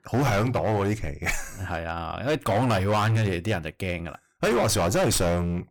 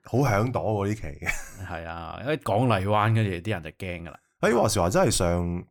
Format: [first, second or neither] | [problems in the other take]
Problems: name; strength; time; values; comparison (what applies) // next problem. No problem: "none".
second | distortion; heavy; 17% of the sound clipped